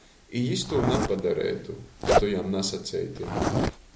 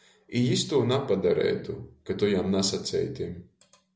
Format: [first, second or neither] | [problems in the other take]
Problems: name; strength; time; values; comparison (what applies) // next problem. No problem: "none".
second | background sound (Zipper (clothing)); as loud as the speech